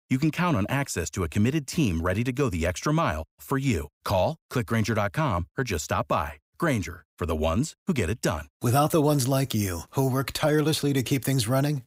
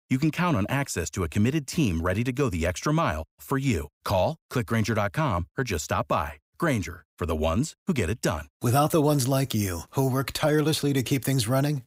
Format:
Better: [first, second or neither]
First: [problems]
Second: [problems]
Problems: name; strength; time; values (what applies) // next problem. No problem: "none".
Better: neither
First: none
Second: none